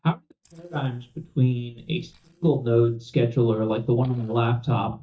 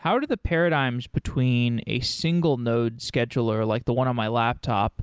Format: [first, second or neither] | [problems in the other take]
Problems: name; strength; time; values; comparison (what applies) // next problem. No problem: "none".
second | noise reduction (neural mask model DeepFilterNet 3)